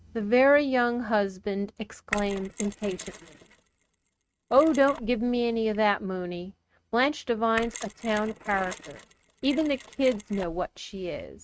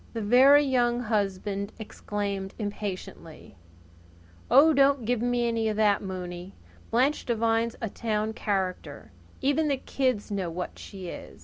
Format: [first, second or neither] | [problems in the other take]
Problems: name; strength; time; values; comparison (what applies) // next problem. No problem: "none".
second | noise reduction (neural mask model RNNoise)